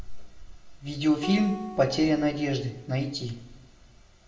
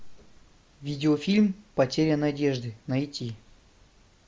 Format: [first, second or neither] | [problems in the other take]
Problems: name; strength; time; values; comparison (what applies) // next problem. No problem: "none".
second | background sound (Acoustic guitar); 15 dB below the speech // room echo; dies away in 0.7 s